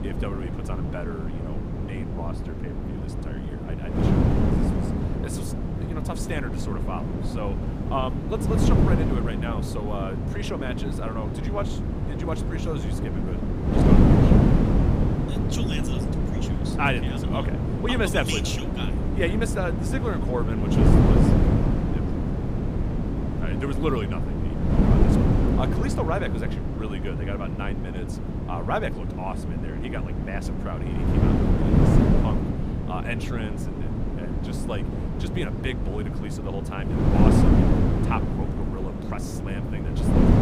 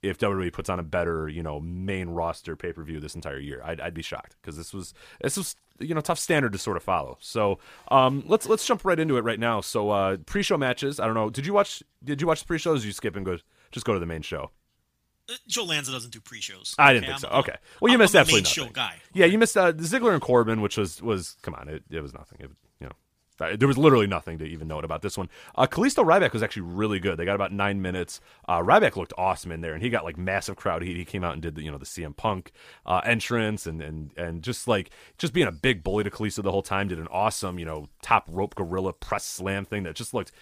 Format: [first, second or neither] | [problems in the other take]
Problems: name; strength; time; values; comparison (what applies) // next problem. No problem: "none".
second | wind noise on the microphone; heavy; 1 dB above the speech